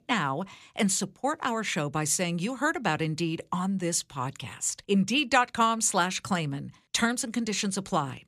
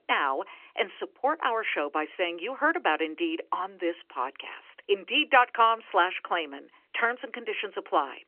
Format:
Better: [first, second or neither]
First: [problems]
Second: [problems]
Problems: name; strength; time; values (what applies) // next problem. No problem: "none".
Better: first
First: none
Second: phone-call audio; nothing above 3 kHz